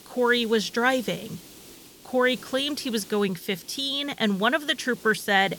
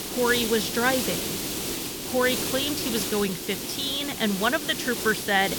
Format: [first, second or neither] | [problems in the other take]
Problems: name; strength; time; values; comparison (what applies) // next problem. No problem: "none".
first | hiss; loud; throughout; 3 dB below the speech; faint in the first